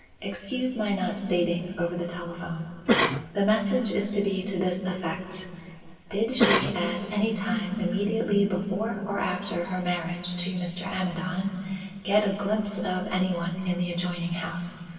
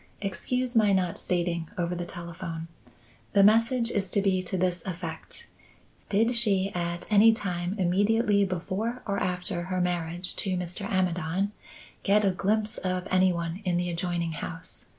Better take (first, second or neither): second